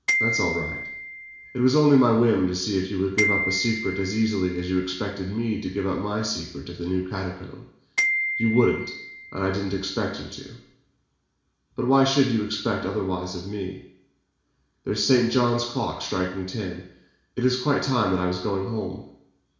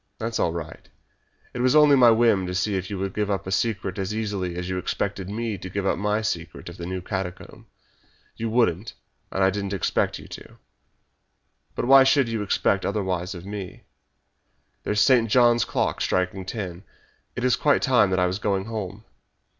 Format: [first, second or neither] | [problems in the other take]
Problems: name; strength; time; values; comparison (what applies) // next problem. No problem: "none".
second | background sound (Glockenspiel); 5 dB below the speech // room echo; dies away in 0.7 s